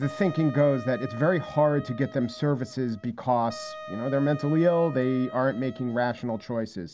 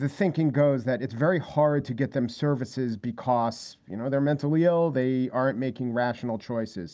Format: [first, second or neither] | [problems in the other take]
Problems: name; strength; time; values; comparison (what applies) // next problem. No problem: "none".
second | background sound (Wind instrument, woodwind instrument); 16 dB below the speech